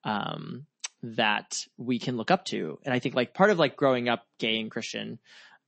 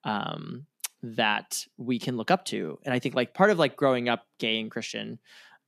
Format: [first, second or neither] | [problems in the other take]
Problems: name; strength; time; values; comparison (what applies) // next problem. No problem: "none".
second | garbled, watery; slightly; nothing above 8 kHz